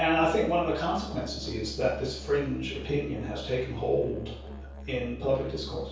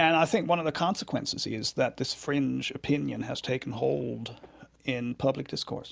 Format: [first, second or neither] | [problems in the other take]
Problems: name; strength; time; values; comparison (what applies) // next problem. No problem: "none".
second | background sound (Musical instrument); 12 dB below the speech // room echo; dies away in 0.6 s